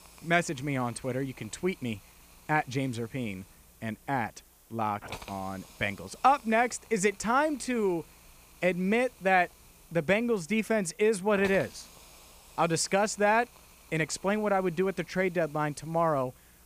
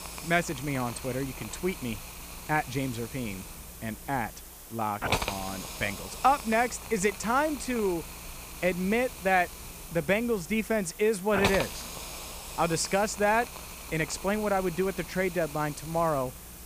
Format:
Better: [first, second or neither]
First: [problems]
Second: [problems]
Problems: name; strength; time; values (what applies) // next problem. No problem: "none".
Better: first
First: hiss; faint; throughout; 20 dB below the speech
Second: hiss; loud; throughout; 9 dB below the speech